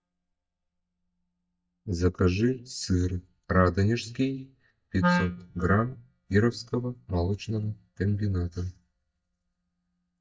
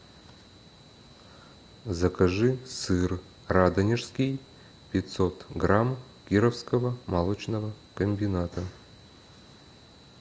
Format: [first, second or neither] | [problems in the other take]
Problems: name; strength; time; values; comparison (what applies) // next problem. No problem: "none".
second | noise reduction (neural mask model DeepFilterNet 3)